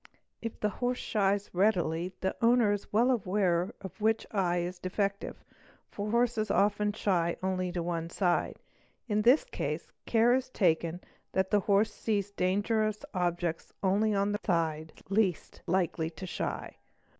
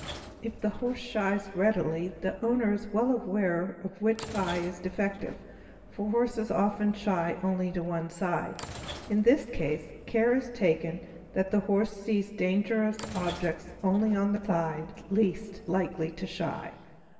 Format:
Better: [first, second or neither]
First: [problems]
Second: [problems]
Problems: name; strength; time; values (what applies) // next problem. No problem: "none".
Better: first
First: none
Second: background sound (Sliding door / Train); 18 dB below the speech // room echo; dies away in 2.5 s